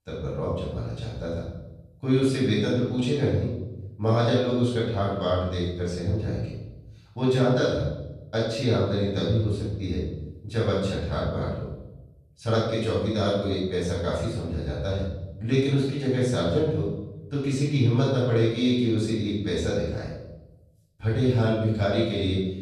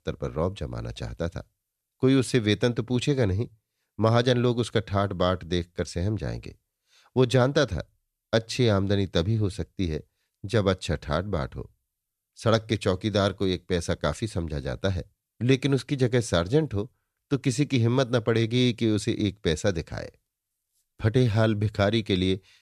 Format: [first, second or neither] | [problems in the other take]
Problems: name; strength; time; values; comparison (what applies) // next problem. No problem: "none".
second | off-mic speech; far // room echo; strong; dies away in 0.9 s